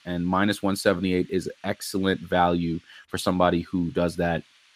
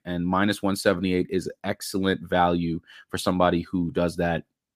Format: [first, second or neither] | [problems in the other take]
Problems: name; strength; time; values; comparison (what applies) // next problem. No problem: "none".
second | hiss; faint; throughout; 30 dB below the speech